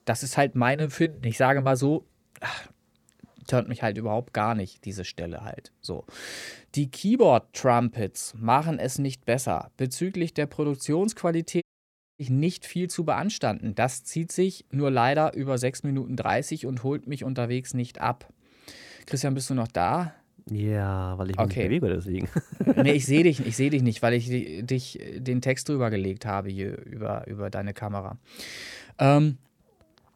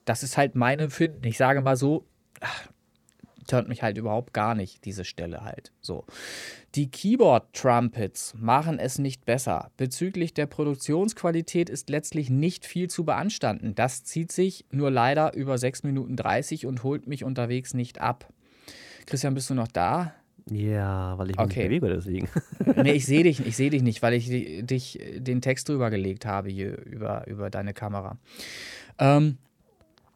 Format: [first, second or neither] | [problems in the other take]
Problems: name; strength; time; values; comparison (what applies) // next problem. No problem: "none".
second | audio cutting out; at 12 s for 0.5 s